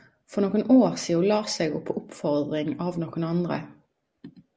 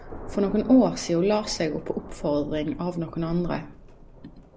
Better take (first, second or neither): first